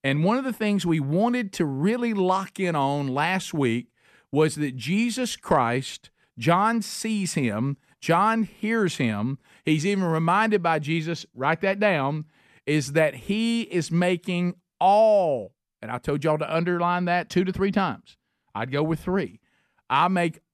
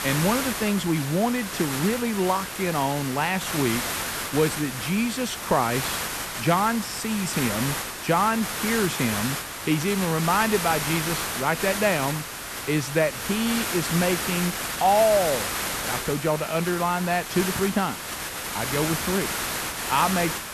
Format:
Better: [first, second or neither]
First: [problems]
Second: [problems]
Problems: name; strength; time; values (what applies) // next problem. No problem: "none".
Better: first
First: none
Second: hiss; loud; throughout; 3 dB below the speech